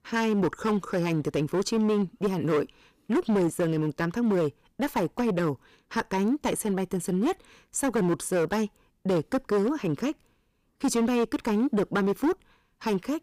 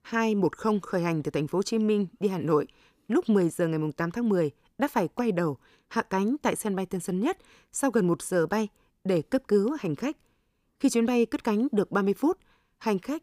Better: second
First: distortion; slight; 11% of the sound clipped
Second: none

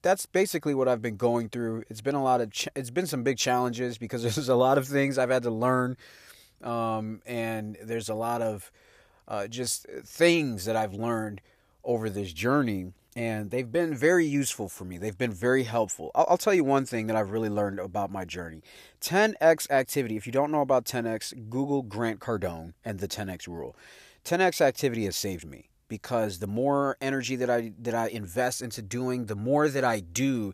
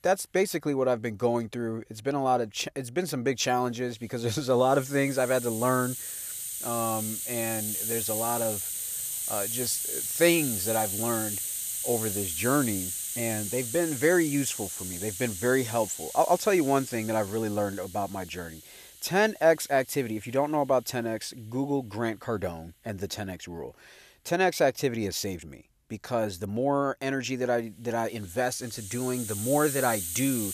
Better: first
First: none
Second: hiss; loud; throughout; 3 dB below the speech

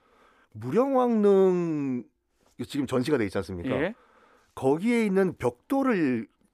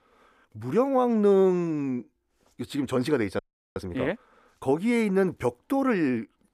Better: first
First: none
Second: audio freezing; at 3.5 s

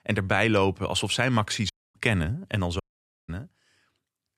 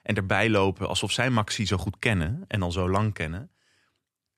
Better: second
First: audio cutting out; at 1.5 s and at 3 s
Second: none

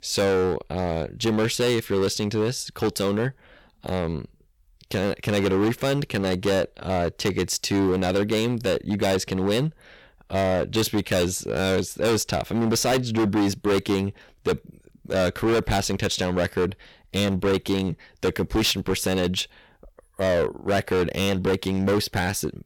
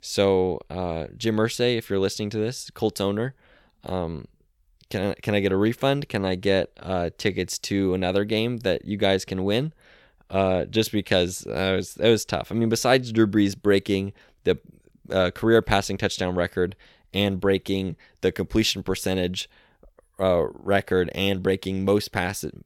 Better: second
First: distortion; heavy; 15% of the sound clipped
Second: none

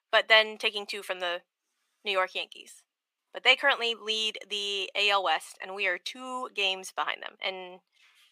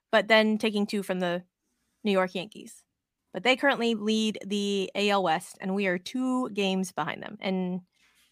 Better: second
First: thin; very; fading below 450 Hz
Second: none

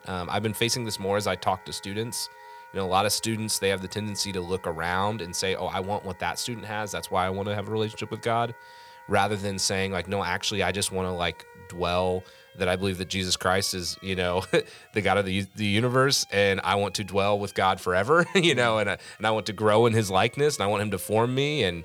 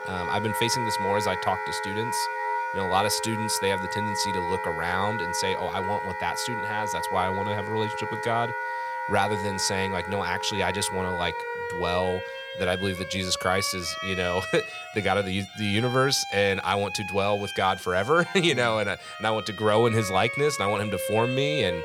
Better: first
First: background music; faint; throughout; 25 dB below the speech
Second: background music; loud; throughout; 5 dB below the speech

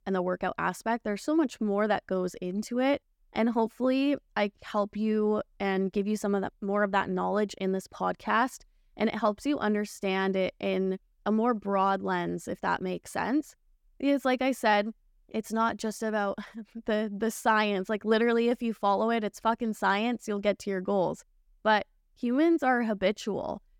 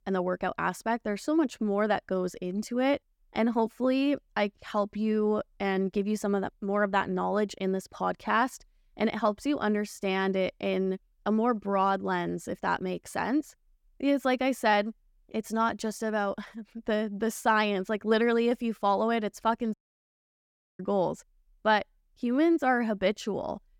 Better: first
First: none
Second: audio cutting out; at 20 s for 1 s

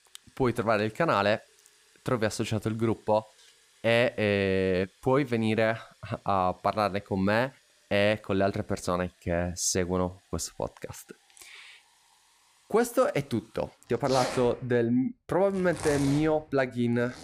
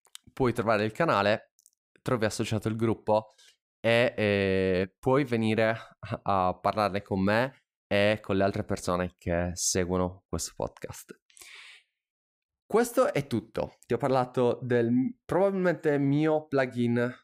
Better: second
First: household noises; noticeable; throughout; 10 dB below the speech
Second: none

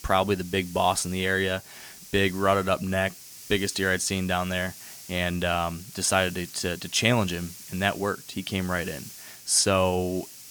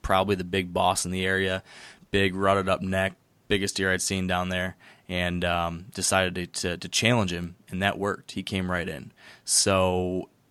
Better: second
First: hiss; noticeable; throughout; 15 dB below the speech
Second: none

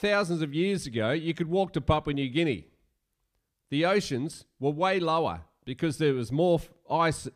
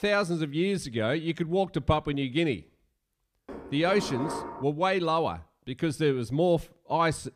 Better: first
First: none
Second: clattering dishes; noticeable; from 3.5 to 4.5 s; peak 7 dB below the speech

